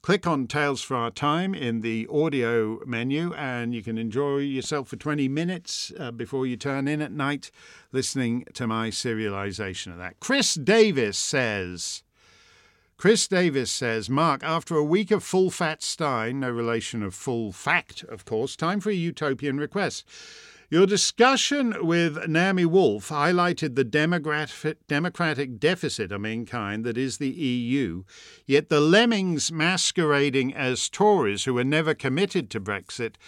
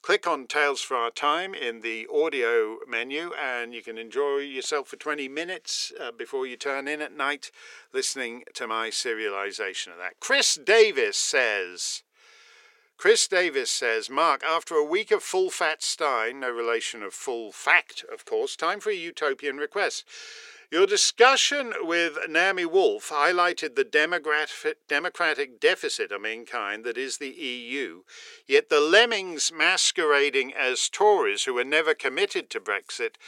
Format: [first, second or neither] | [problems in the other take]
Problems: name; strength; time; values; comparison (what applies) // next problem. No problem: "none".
first | thin; very; fading below 400 Hz